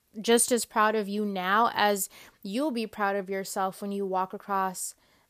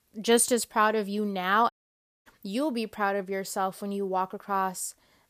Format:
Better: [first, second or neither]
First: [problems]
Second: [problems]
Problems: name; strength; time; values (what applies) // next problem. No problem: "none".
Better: first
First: none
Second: audio cutting out; at 1.5 s for 0.5 s